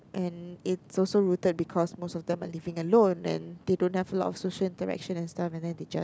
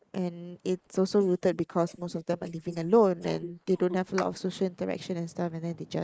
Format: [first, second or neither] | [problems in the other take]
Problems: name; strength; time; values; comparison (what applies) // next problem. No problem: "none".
first | noise reduction (neural mask model Resemble Enhance denoiser)